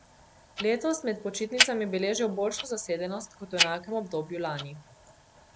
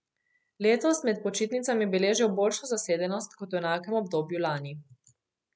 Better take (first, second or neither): second